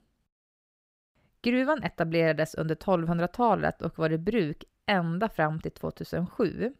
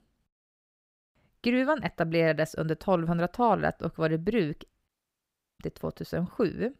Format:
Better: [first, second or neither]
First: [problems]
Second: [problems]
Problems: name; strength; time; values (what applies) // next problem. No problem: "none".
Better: first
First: none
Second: audio cutting out; at 5 s for 0.5 s